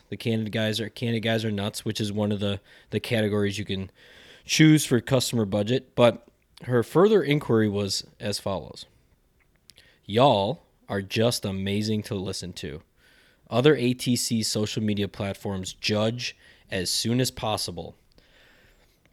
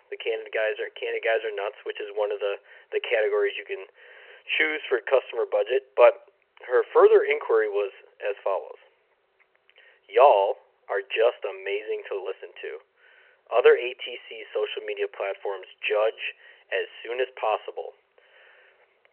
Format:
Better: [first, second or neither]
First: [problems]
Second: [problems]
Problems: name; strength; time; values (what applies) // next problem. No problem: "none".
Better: first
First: none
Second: phone-call audio; nothing above 2.5 kHz